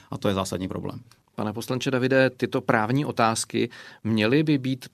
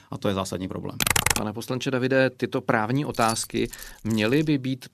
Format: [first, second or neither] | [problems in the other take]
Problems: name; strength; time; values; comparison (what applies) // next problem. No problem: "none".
first | keyboard typing; loud; at 1 s; peak 5 dB above the speech // jangling keys; noticeable; from 3 s on; peak 9 dB below the speech